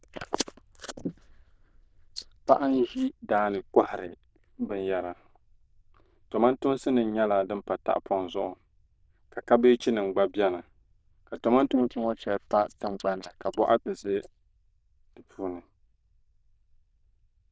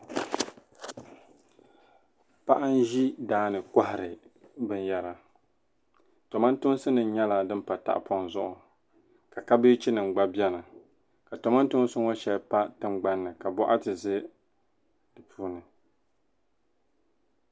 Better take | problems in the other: second | noise reduction (neural diffusion model UNIVERSE++)

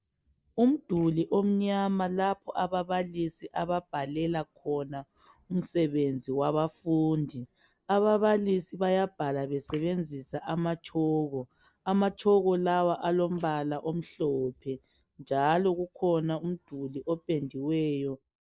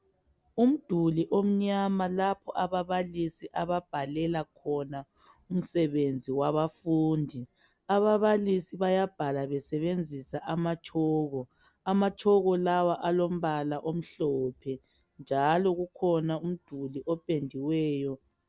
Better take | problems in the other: second | noise reduction (neural mask model Resemble Enhance denoiser)

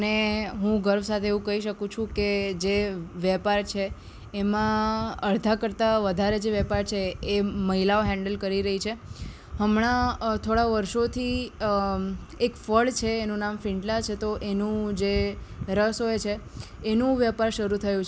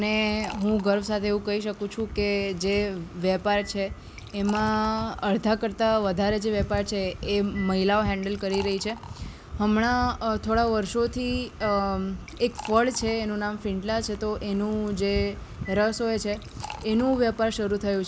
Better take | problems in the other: first | background sound (Liquid); 19 dB below the speech

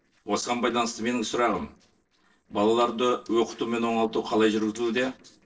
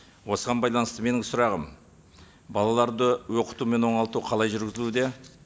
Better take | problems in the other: second | noise reduction (neural separator model SepFormer DNS4)

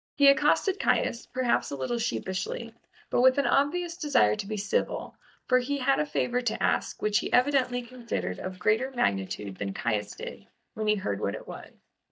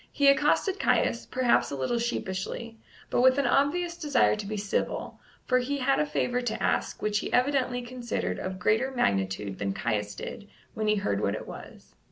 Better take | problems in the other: second | noise reduction (neural mask model DeepFilterNet 3)

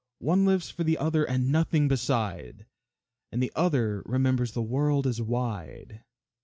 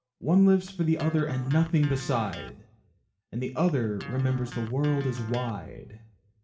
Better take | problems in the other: first | background sound (Electric guitar); 17 dB below the speech // room echo; dies away in 0.8 s

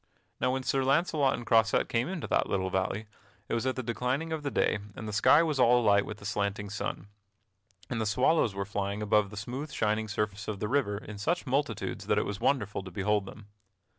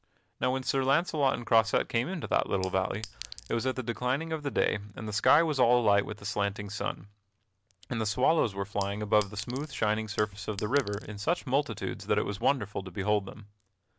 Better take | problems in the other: first | background sound (Chink, clink); 16 dB below the speech

